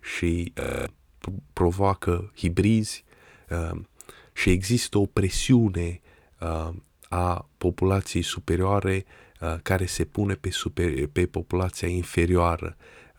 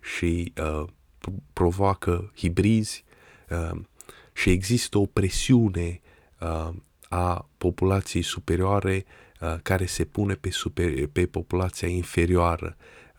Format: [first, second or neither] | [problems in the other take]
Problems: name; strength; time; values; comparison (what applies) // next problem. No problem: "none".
second | audio freezing; at 0.5 s